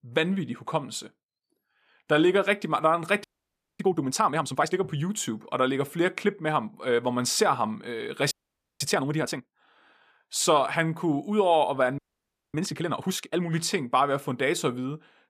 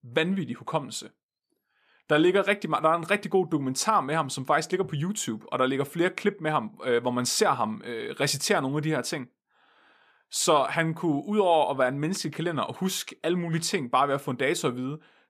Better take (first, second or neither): second